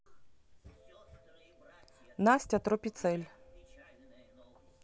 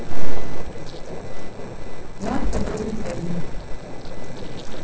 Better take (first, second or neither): first